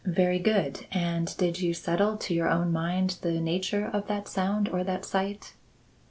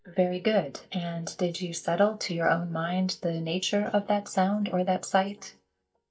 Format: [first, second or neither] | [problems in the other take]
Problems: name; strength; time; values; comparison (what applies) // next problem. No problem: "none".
first | noise reduction (neural mask model DeepFilterNet 3)